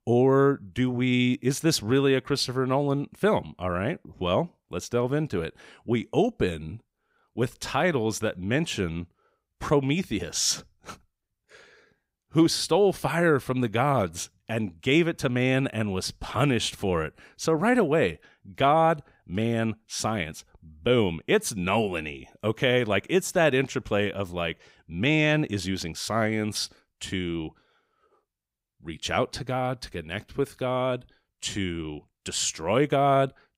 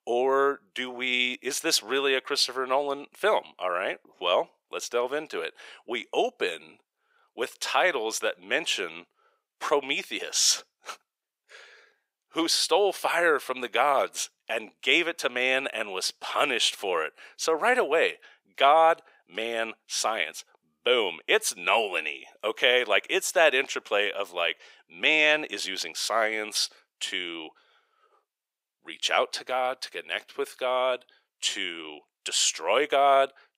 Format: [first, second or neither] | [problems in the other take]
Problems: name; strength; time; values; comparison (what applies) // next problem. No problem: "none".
first | thin; very; fading below 500 Hz